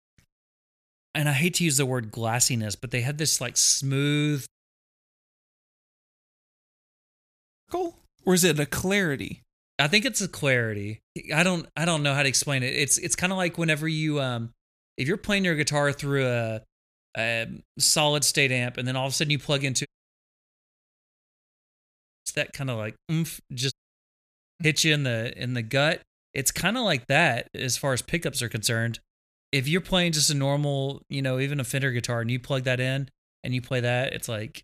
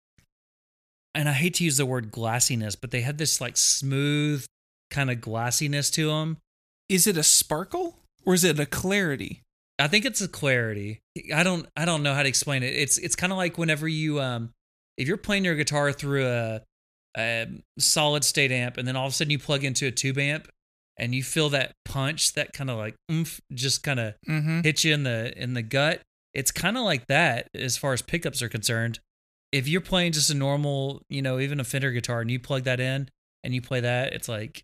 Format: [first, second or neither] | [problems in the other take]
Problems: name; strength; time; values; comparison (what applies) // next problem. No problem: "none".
second | audio cutting out; at 5 s for 3 s, at 20 s for 2.5 s and at 24 s for 1 s